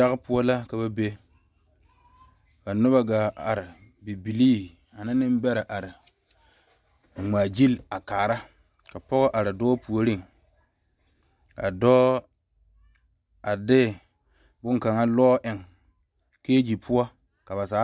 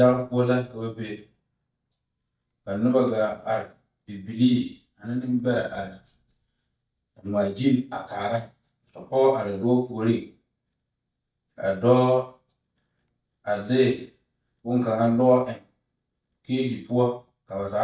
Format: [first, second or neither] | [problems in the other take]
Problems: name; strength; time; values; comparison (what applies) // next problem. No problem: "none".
first | noise reduction (neural mask model DeepFilterNet 3)